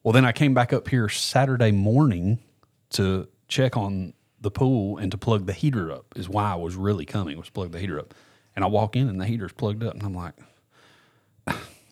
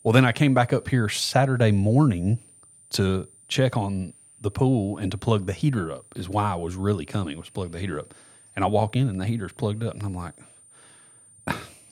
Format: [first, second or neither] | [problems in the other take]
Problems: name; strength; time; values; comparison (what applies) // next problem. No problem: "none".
first | high-pitched whine; faint; throughout; 9 kHz, 25 dB below the speech